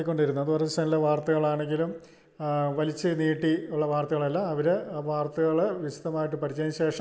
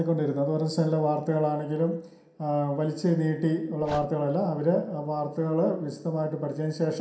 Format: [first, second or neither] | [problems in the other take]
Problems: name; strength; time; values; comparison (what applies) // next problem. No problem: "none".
first | background sound (Dog); 17 dB below the speech // room echo; dies away in 0.5 s